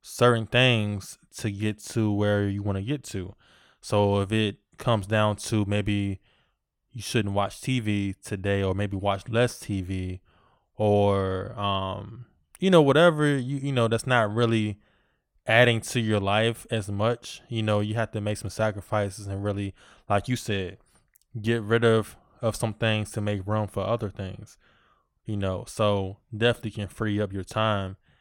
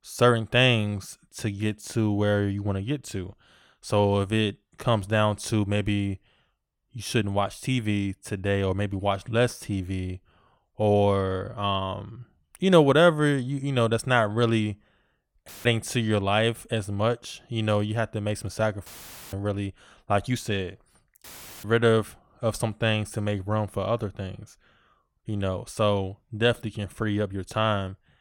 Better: first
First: none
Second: audio cutting out; filled with static; at 15 s, at 19 s and at 21 s

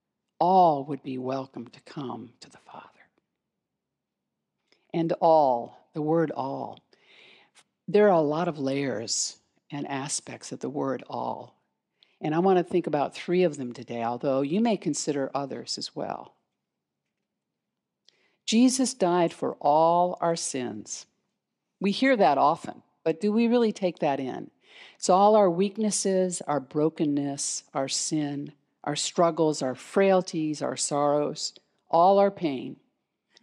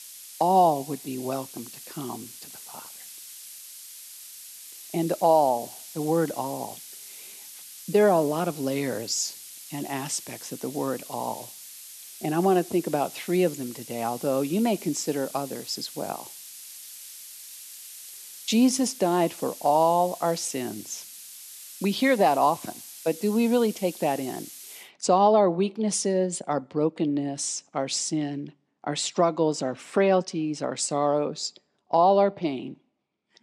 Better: first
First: none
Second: hiss; noticeable; until 25 s; 15 dB below the speech

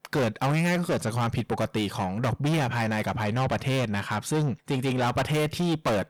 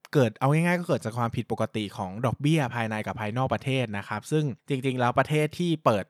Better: second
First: distortion; heavy; 6 dB below the speech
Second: none

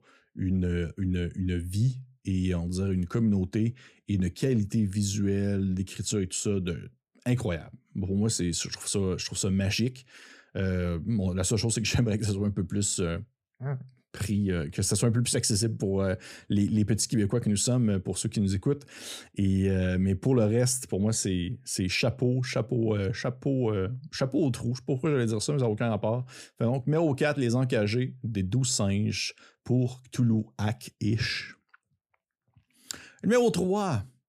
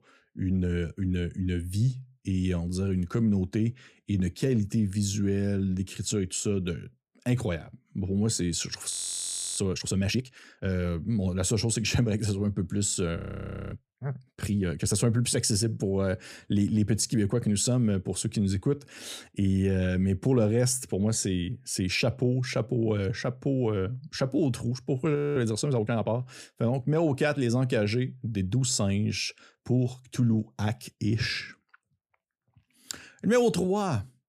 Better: first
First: none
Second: audio freezing; at 9 s for 0.5 s, at 13 s for 0.5 s and at 25 s

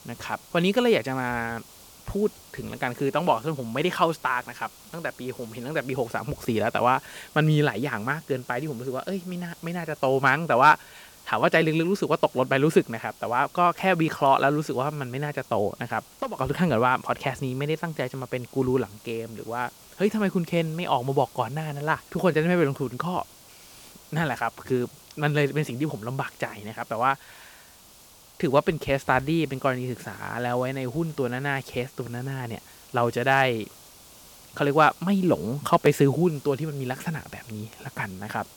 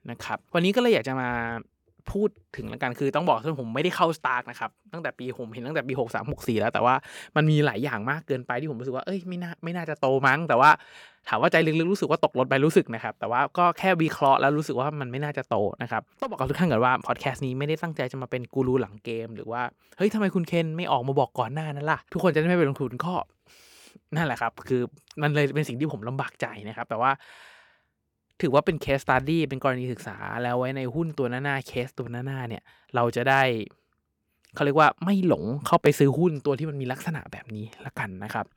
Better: second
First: hiss; faint; throughout; 20 dB below the speech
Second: none

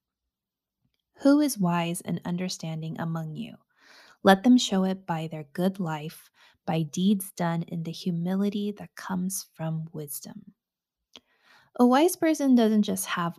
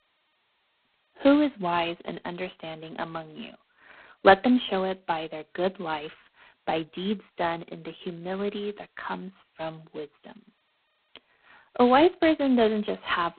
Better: first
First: none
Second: phone-call audio; poor line; nothing above 4 kHz

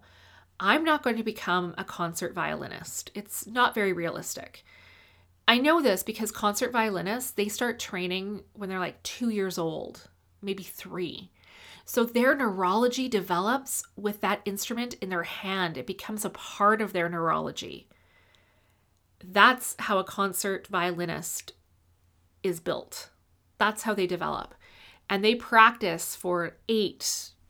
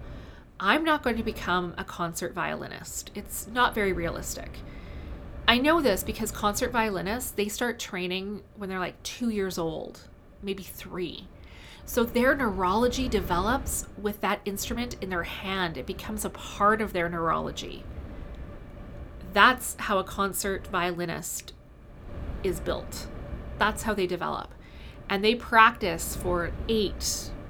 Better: first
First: none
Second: wind noise on the microphone; occasional gusts; 20 dB below the speech

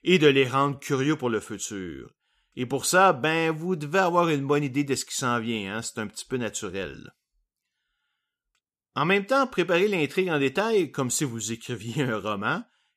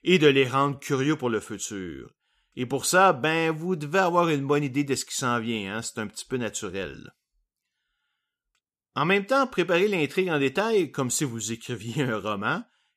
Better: neither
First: none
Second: none

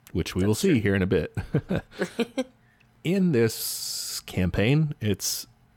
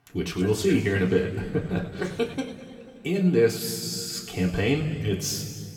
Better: first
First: none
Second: room echo; noticeable; dies away in 2 s // off-mic speech; somewhat distant

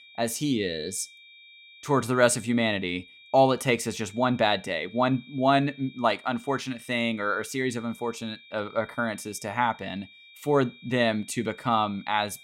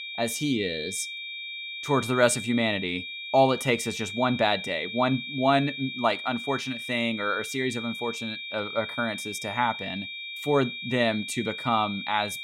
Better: first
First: high-pitched whine; faint; throughout; 2.5 kHz, 20 dB below the speech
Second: high-pitched whine; loud; throughout; 2.5 kHz, 7 dB below the speech

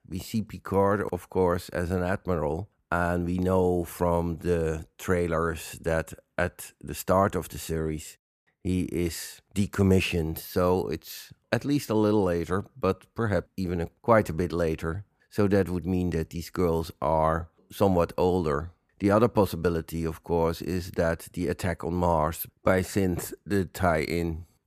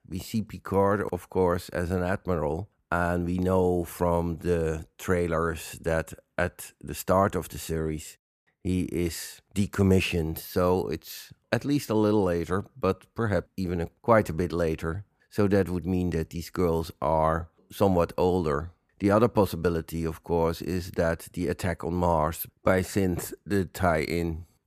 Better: neither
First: none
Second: none

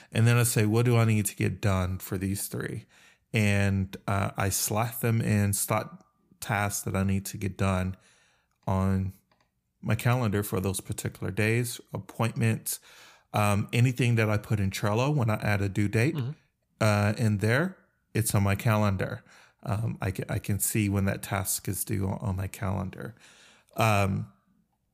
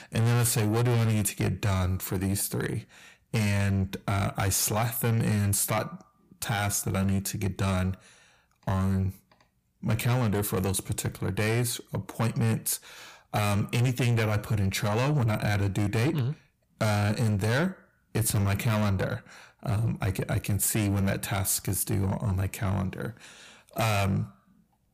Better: first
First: none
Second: distortion; heavy; 7 dB below the speech

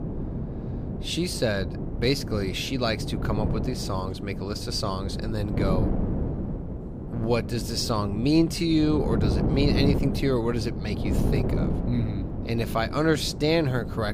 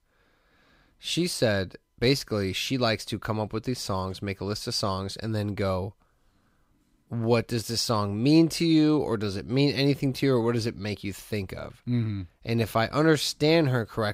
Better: second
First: wind noise on the microphone; heavy; 8 dB below the speech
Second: none

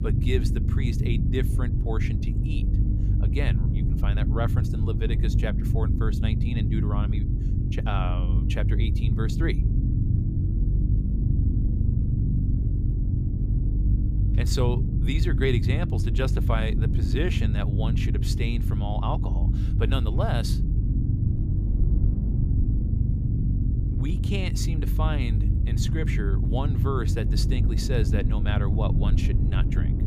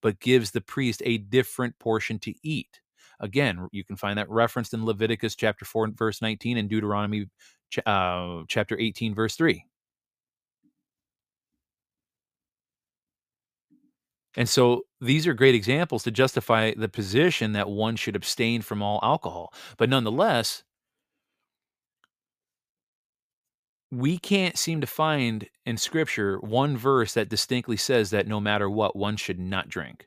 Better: second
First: low rumble; loud; throughout; 4 dB below the speech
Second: none

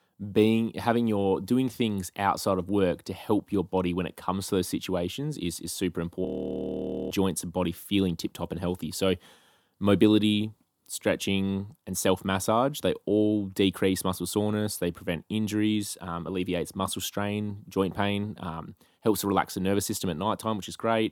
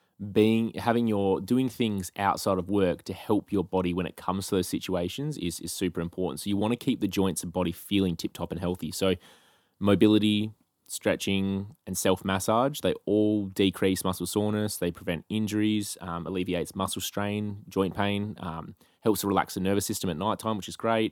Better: second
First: audio freezing; at 6.5 s for 1 s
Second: none

